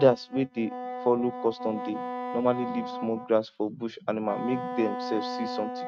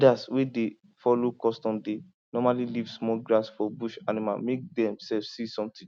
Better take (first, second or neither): second